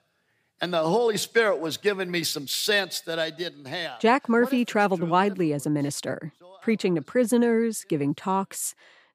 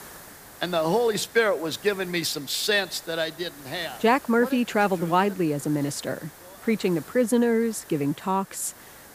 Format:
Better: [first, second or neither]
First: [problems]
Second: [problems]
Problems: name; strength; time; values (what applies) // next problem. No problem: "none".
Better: first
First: none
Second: hiss; noticeable; throughout; 20 dB below the speech